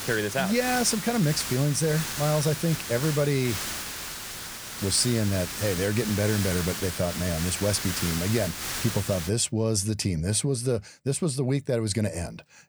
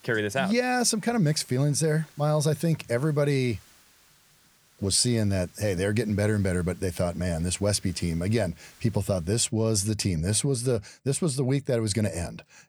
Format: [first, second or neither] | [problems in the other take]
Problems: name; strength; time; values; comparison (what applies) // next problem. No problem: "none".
second | hiss; loud; until 9.5 s; 6 dB below the speech; faint in the second